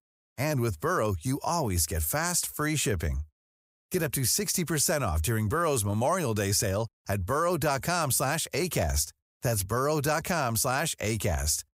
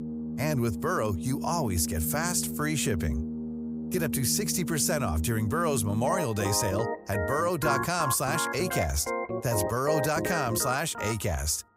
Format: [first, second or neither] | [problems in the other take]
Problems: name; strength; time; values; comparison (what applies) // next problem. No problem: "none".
first | background music; loud; throughout; 5 dB below the speech